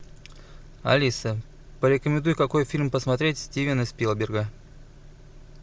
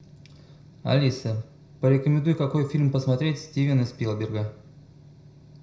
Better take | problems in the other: first | room echo; dies away in 0.5 s

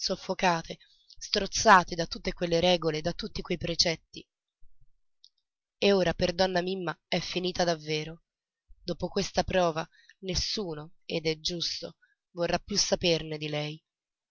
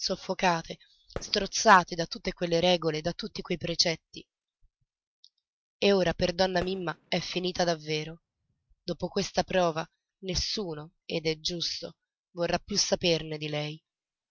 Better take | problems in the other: first | noise reduction (neural mask model RNNoise)

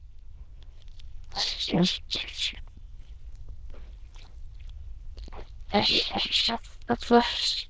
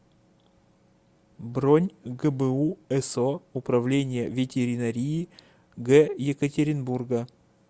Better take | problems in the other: second | noise reduction (neural diffusion model UNIVERSE++)

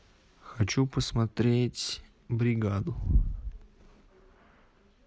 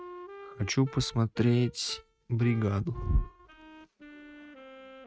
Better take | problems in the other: first | noise reduction (neural mask model RNNoise)

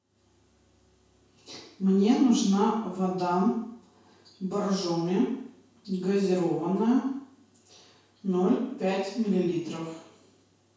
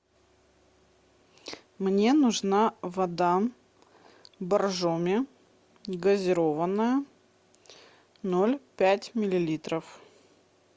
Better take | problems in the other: second | room echo; dies away in 0.6 s

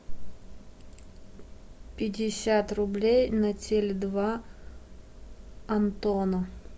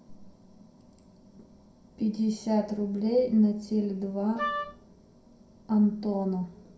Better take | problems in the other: first | background sound (Wind instrument, woodwind instrument); 4 dB below the speech // room echo; dies away in 0.5 s

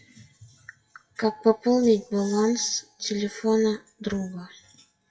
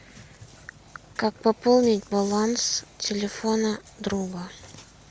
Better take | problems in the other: second | noise reduction (classical method WPE with log-MMSE)

